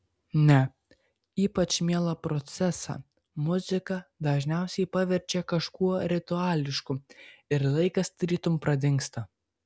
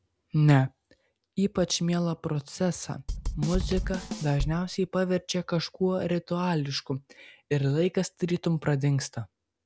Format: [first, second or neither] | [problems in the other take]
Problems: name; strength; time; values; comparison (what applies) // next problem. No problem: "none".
first | background sound (Drum / Drum kit); 4 dB below the speech